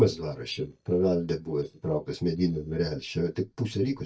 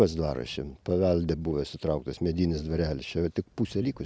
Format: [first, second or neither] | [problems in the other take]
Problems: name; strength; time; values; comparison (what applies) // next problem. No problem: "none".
second | noise reduction (neural mask model DeepFilterNet 3)